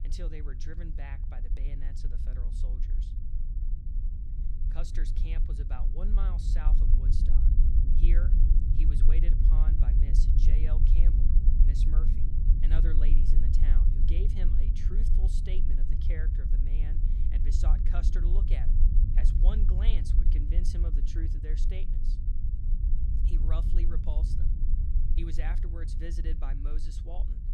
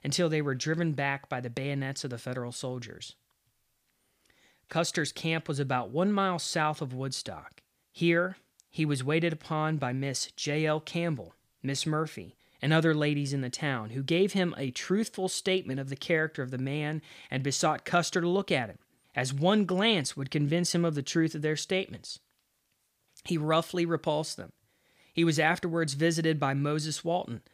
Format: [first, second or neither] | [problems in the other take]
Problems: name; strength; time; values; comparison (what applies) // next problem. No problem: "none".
second | low rumble; loud; throughout; 1 dB below the speech